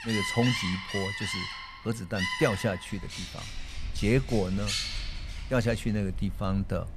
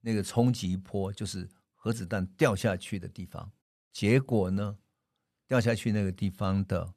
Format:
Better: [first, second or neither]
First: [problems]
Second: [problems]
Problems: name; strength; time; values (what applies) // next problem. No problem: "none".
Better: second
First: animal sounds; loud; throughout; 5 dB below the speech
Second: none